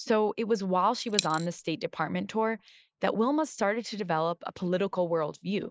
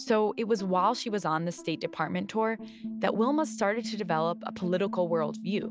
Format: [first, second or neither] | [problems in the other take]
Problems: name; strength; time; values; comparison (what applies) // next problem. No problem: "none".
second | noise reduction (neural mask model Resemble Enhance denoiser)